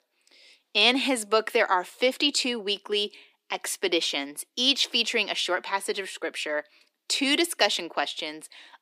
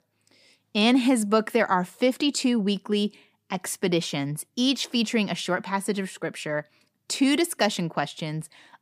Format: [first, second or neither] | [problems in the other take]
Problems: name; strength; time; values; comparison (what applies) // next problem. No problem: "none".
second | thin; somewhat; fading below 300 Hz